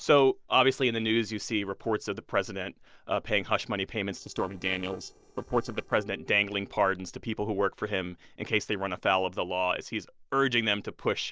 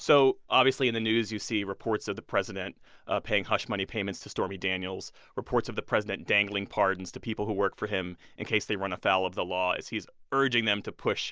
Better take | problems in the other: second | noise reduction (neural separator model SepFormer DNS4)

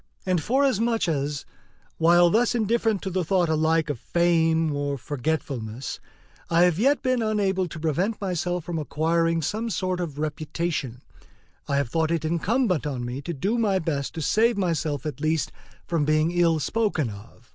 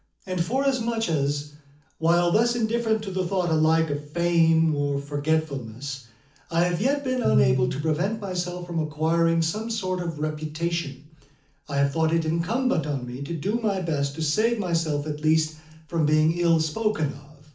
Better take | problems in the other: first | background sound (Piano); 4 dB below the speech // room echo; dies away in 0.4 s

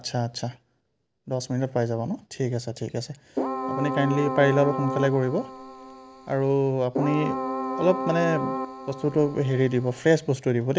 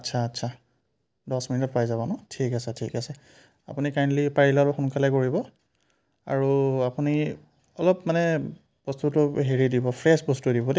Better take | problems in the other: second | background sound (Keyboard (musical)); 6 dB below the speech

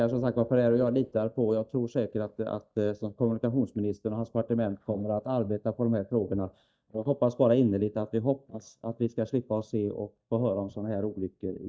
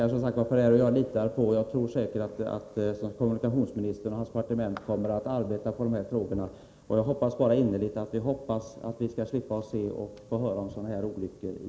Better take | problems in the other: second | noise reduction (neural mask model DeepFilterNet 3)

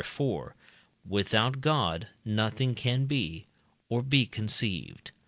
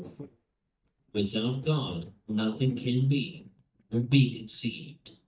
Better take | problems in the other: first | noise reduction (neural mask model DeepFilterNet 3)

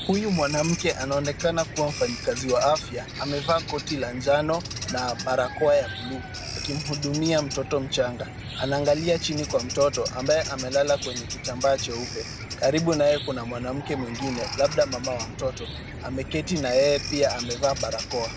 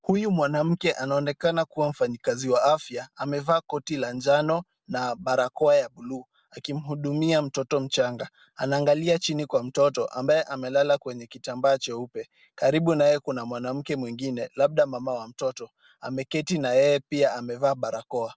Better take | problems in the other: second | background sound (Cricket / Chicken, rooster + Bird vocalization, bird call, bird song); 8 dB below the speech

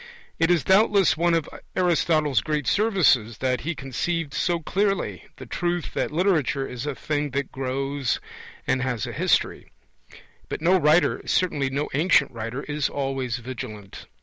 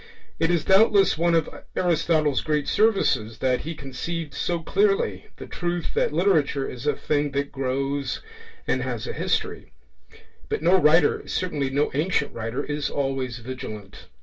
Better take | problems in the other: first | room echo; dies away in 0.2 s

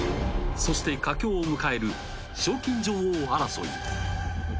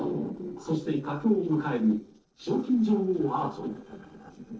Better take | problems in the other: first | noise reduction (neural separator model SepFormer DNS4)

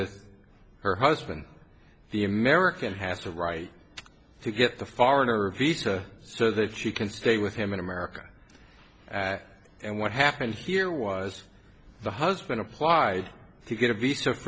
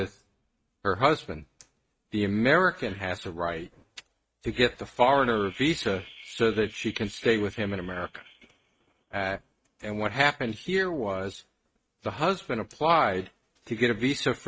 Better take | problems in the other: first | noise reduction (neural mask model RNNoise)

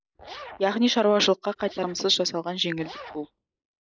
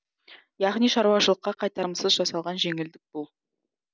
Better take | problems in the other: second | noise reduction (neural mask model Resemble Enhance denoiser)

